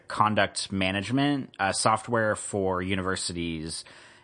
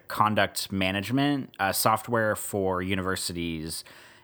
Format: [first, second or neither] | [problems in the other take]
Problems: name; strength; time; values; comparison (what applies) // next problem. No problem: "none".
second | garbled, watery; slightly; nothing above 9.5 kHz